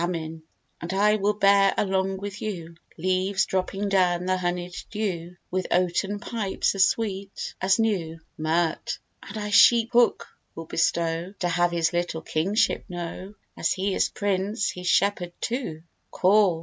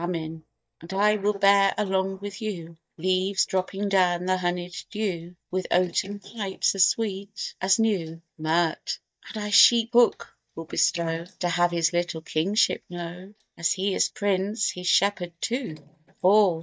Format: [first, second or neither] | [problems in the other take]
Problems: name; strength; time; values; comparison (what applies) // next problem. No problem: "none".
first | noise reduction (neural mask model DeepFilterNet 3)